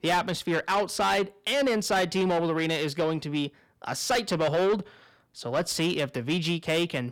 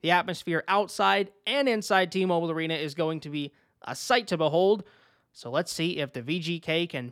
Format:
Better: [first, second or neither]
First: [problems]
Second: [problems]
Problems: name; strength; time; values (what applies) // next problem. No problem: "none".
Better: second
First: distortion; heavy; 7 dB below the speech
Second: none